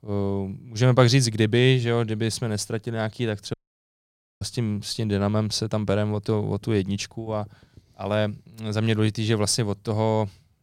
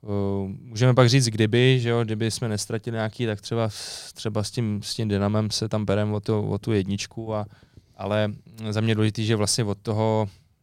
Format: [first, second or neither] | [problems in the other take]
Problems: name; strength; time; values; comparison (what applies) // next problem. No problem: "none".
second | audio cutting out; at 3.5 s for 1 s